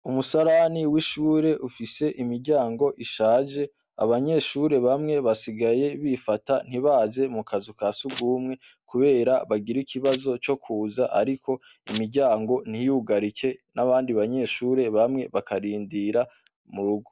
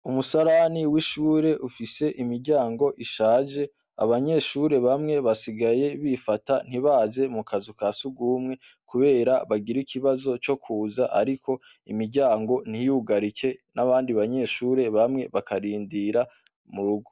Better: second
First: background sound (Domestic sounds, home sounds); 16 dB below the speech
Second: none

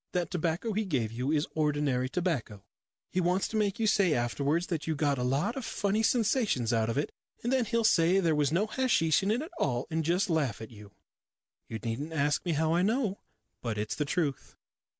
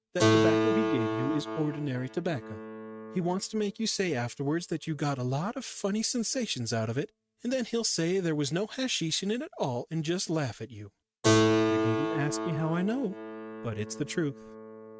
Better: first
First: none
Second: noise reduction (neural mask model RNNoise)

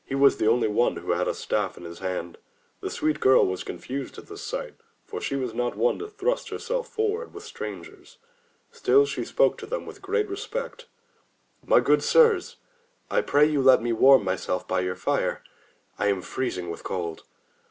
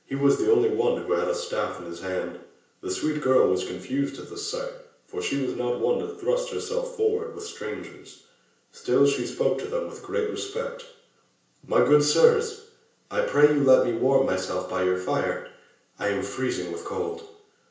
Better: first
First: none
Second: room echo; dies away in 0.5 s

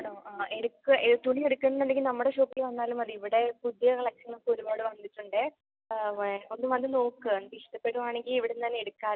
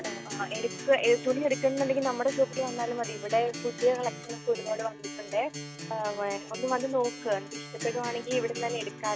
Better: first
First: none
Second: background sound (Acoustic guitar); 10 dB below the speech

